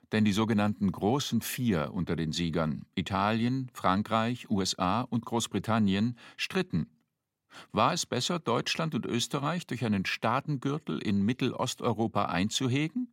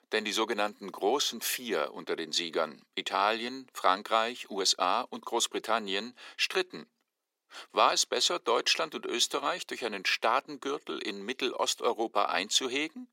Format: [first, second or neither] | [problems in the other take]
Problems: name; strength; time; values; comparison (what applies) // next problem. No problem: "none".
first | thin; very; fading below 400 Hz